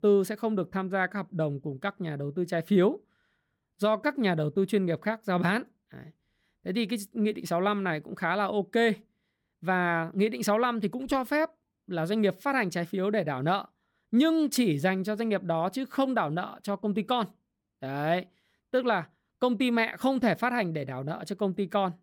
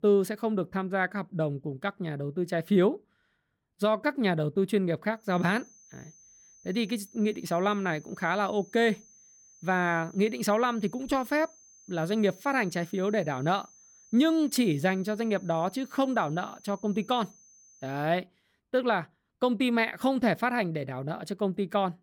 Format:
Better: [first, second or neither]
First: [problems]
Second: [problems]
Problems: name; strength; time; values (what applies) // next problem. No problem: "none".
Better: first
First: none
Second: high-pitched whine; faint; from 5.5 to 18 s; 6 kHz, 25 dB below the speech